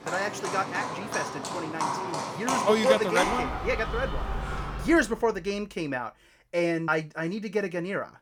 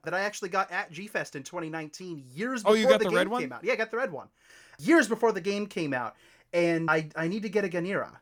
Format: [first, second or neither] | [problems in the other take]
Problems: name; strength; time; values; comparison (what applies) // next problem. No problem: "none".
second | animal sounds; loud; until 5 s; 4 dB below the speech